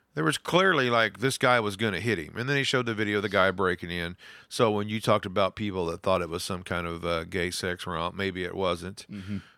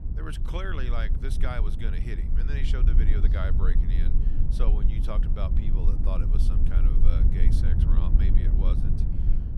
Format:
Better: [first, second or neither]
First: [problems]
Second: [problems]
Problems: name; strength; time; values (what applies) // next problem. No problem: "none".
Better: first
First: none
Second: low rumble; loud; throughout; 3 dB below the speech